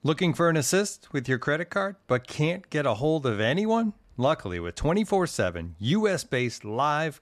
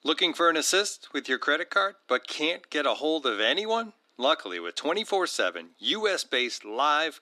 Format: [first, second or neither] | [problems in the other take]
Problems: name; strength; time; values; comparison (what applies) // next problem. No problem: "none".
first | thin; somewhat; fading below 300 Hz